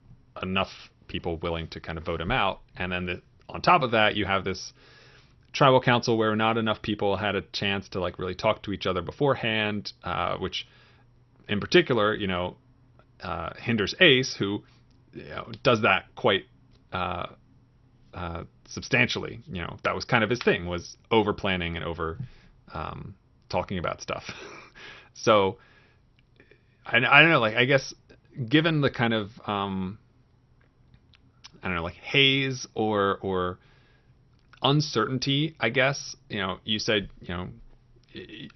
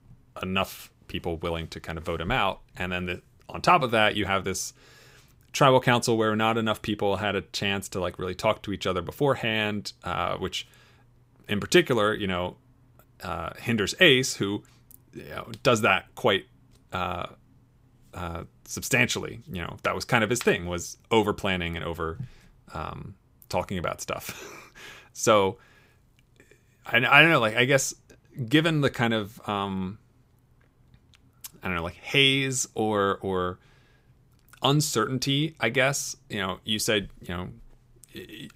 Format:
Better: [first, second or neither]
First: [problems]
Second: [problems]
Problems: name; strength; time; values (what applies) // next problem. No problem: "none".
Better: second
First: garbled, watery; slightly; nothing above 6 kHz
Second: none